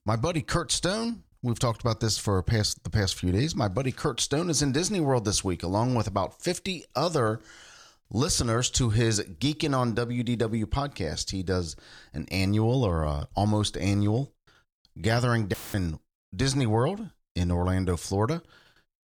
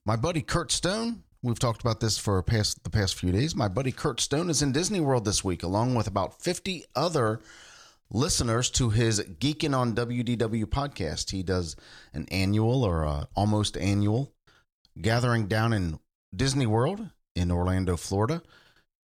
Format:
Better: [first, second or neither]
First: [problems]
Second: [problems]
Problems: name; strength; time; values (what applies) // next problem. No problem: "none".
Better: second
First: audio cutting out; filled with static; at 16 s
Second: none